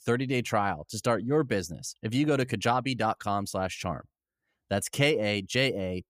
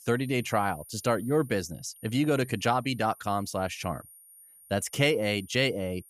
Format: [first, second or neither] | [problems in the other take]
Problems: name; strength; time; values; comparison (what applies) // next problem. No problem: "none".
first | high-pitched whine; faint; throughout; 9.5 kHz, 20 dB below the speech